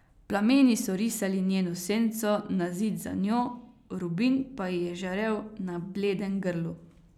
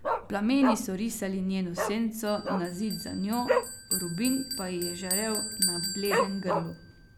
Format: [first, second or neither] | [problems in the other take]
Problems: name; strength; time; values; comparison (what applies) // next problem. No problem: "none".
first | background sound (Bell + Dog); 2 dB below the speech